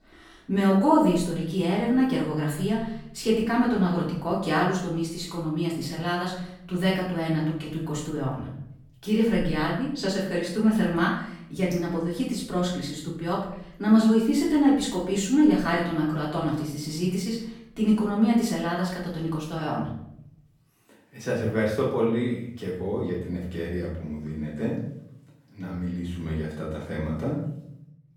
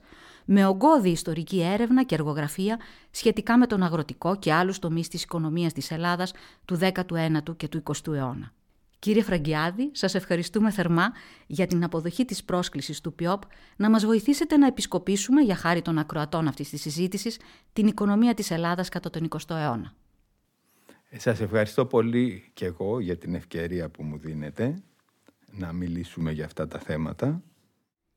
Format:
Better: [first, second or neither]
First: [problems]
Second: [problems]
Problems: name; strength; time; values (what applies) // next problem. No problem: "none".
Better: second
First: room echo; noticeable; dies away in 0.6 s // off-mic speech; far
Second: none